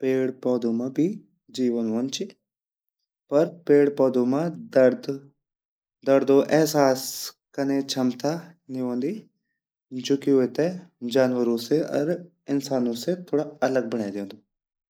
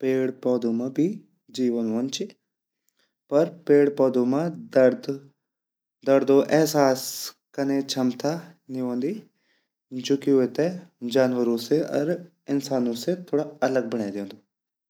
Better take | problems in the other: second | noise reduction (neural mask model Resemble Enhance denoiser)

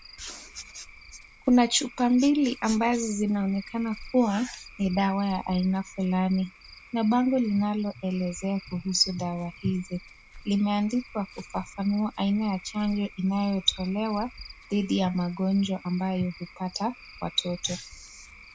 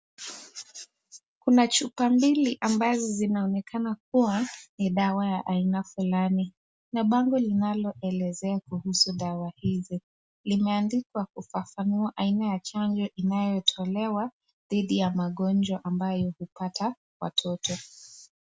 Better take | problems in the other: second | background sound (Cricket / Frog); 20 dB below the speech

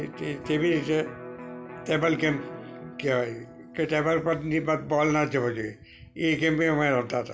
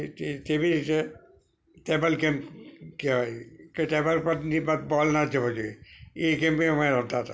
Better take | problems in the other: second | background sound (Electric guitar); 16 dB below the speech

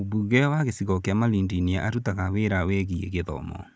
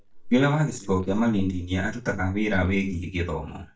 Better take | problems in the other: first | noise reduction (neural mask model DeepFilterNet 3)

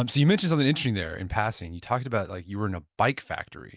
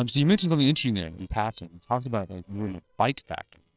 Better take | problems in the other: first | noise reduction (neural separator model SepFormer WHAMR!)

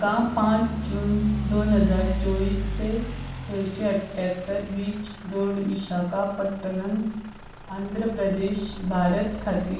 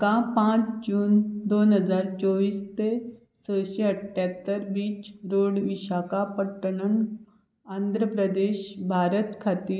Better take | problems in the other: second | background sound (Idling / Truck); 7 dB below the speech // room echo; dies away in 0.5 s

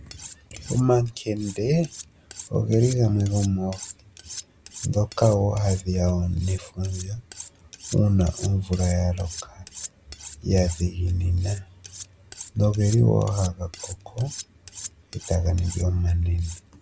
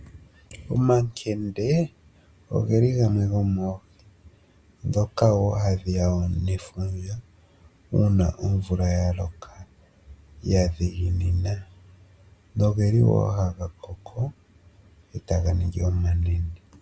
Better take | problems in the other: second | background sound (Cutlery, silverware); 17 dB below the speech

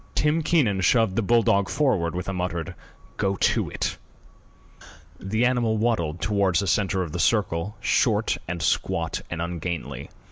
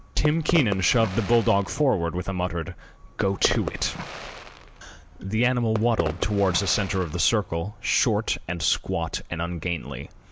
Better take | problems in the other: first | background sound (Fireworks); 10 dB below the speech

